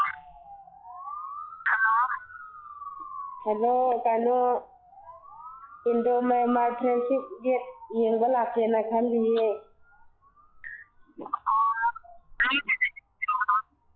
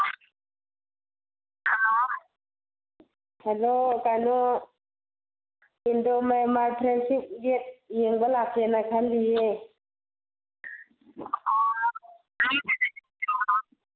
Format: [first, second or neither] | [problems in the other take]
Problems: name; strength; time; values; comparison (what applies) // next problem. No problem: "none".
second | noise reduction (classical method log-MMSE)